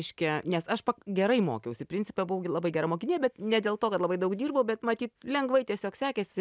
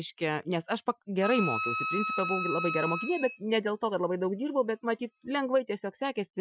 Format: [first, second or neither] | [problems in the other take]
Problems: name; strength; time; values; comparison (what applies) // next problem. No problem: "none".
first | noise reduction (classical method Wiener filter)